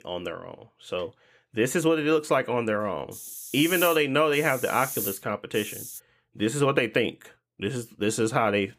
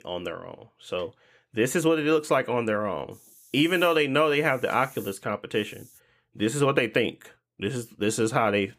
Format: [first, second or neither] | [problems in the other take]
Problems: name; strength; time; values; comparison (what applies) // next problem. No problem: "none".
second | hiss; loud; from 3 to 6 s; 8 dB below the speech; faint in the second